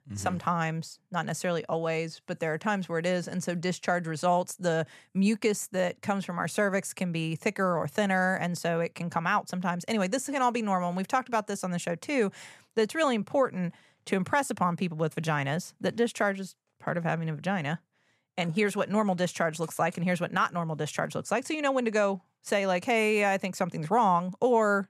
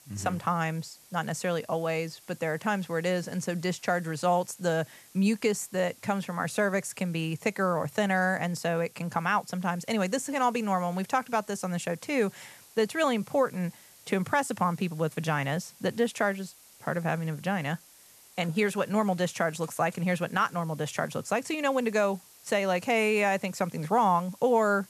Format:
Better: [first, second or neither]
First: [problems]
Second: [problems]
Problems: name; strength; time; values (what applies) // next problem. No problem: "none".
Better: first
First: none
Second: hiss; faint; throughout; 25 dB below the speech